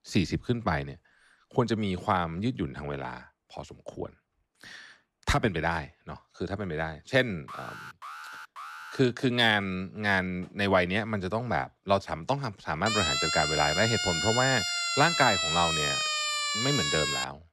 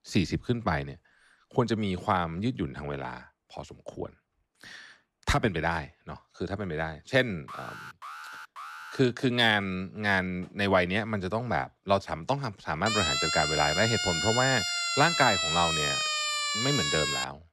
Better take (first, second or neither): neither